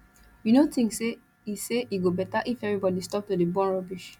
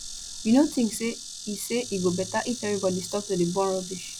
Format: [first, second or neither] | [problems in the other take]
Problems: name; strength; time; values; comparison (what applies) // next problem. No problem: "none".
first | background sound (Insect); 12 dB below the speech